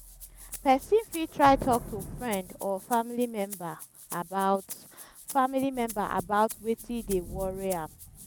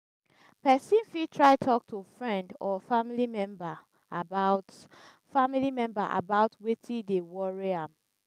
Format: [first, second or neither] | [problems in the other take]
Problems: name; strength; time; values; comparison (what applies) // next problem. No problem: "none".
second | background sound (Thunder / Rain + Rattle (instrument)); 14 dB below the speech